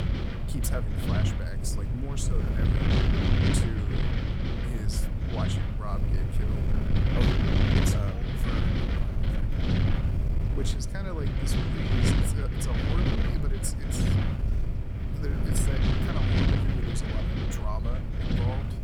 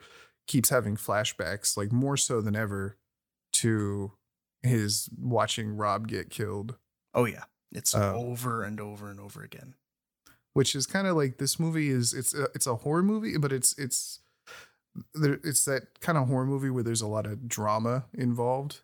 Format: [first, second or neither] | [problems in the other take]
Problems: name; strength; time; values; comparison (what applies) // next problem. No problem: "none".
second | wind noise on the microphone; heavy; 5 dB above the speech